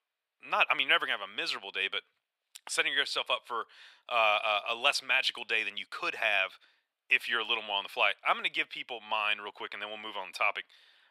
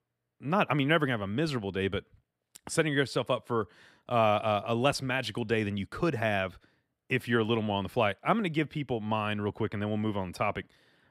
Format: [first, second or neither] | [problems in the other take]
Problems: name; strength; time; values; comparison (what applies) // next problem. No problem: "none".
second | thin; very; fading below 900 Hz